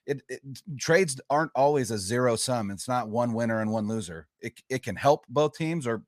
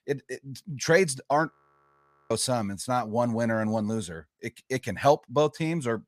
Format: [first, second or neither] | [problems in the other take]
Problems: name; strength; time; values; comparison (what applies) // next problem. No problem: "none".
first | audio freezing; at 1.5 s for 1 s